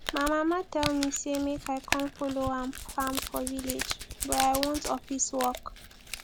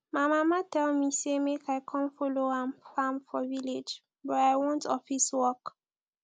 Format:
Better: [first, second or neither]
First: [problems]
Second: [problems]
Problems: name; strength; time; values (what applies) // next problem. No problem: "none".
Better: second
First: background sound (Crumpling, crinkling + Hands); 6 dB below the speech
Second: none